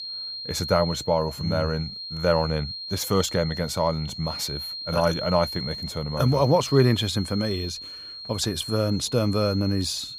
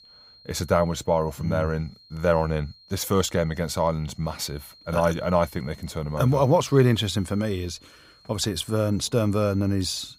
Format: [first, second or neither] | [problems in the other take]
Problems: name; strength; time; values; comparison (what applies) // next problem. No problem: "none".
second | high-pitched whine; loud; throughout; 4 kHz, 8 dB below the speech; faint in the second